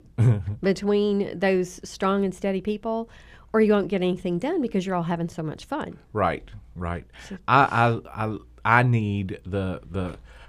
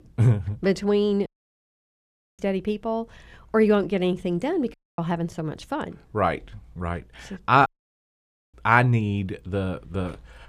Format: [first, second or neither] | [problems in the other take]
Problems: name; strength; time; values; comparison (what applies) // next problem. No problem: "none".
first | audio cutting out; at 1.5 s for 1 s, at 4.5 s and at 7.5 s for 1 s